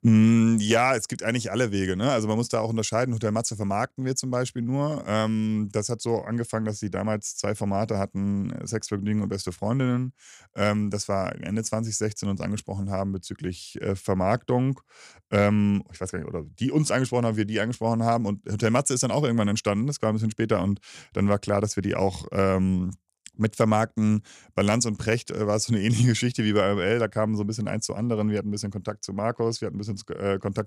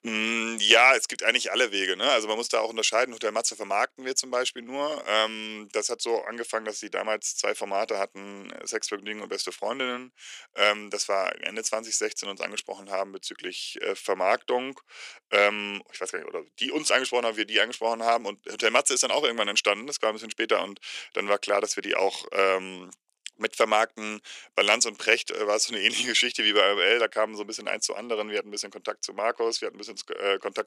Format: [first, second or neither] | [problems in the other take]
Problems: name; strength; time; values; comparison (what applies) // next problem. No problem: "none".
first | thin; very; fading below 350 Hz